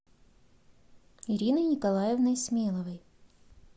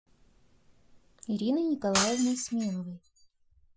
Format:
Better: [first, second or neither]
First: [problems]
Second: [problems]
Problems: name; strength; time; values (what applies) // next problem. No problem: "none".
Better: first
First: none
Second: noise reduction (classical method Wiener filter)